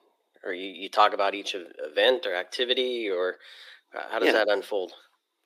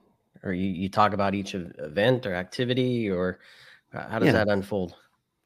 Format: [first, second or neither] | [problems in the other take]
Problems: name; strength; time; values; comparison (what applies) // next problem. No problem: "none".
second | thin; very; fading below 350 Hz